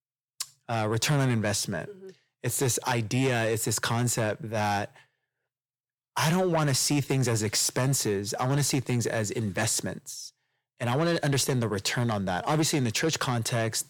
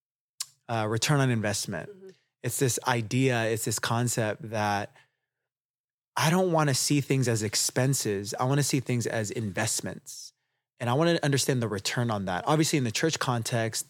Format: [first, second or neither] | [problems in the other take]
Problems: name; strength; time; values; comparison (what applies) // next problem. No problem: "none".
second | distortion; slight; 10 dB below the speech